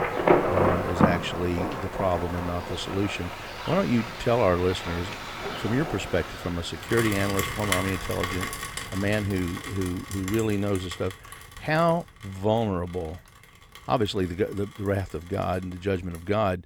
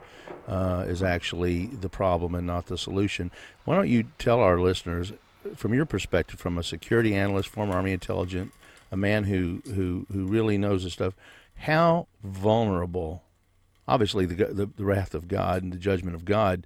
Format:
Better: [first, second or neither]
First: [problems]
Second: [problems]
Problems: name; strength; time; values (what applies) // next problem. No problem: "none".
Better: second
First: rain or running water; loud; throughout; 2 dB below the speech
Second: rain or running water; faint; throughout; 25 dB below the speech